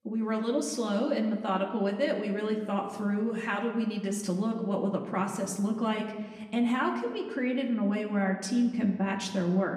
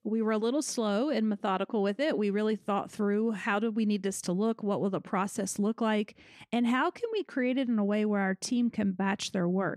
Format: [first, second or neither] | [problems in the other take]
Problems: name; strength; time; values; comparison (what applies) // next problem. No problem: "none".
second | room echo; slight; dies away in 1.2 s // off-mic speech; somewhat distant